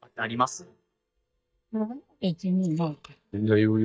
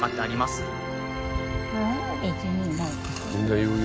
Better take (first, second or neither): second